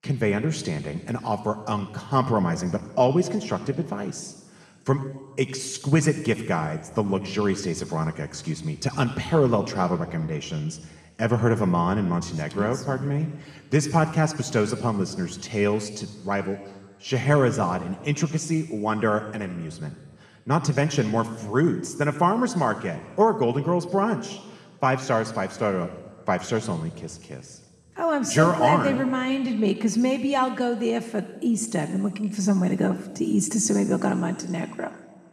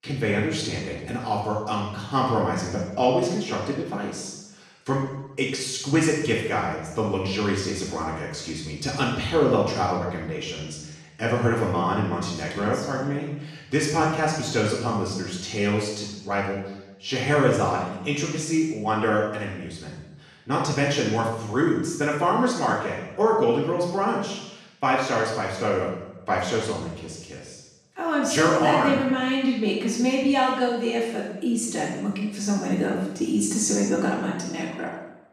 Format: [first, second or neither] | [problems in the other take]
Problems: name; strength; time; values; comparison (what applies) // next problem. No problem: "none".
first | room echo; strong; dies away in 0.8 s; slight in the first // off-mic speech; far